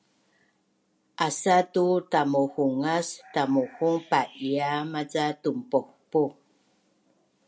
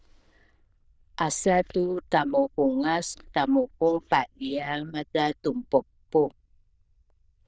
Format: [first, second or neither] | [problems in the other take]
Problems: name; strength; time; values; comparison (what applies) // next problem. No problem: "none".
first | noise reduction (neural diffusion model UNIVERSE++)